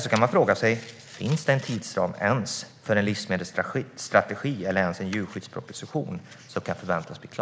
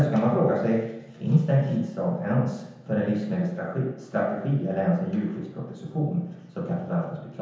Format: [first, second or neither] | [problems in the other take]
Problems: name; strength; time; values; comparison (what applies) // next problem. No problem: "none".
first | room echo; dies away in 0.9 s